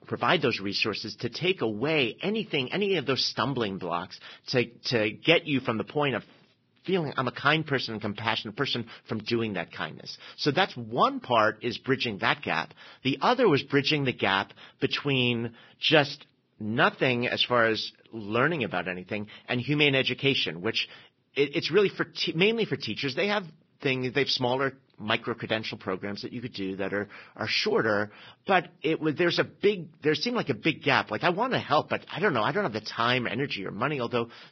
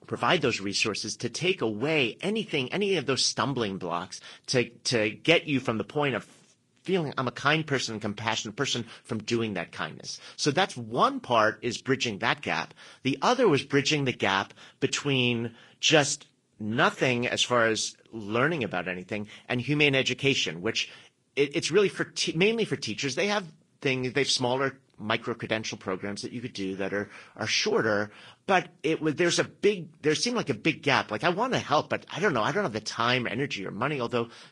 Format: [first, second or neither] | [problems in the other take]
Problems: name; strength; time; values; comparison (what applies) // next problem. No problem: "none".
second | garbled, watery; badly; nothing above 5.5 kHz; slightly in the second